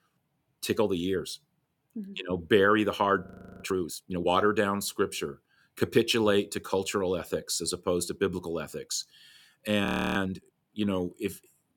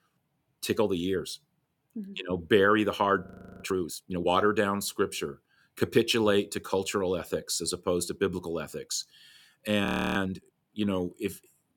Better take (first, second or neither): neither